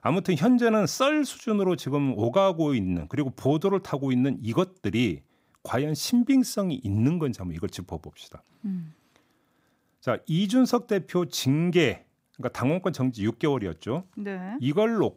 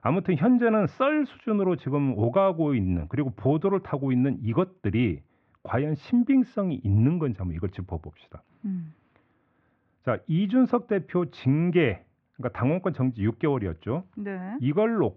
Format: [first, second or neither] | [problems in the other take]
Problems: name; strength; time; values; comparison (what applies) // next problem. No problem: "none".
first | muffled; very; fading above 2.5 kHz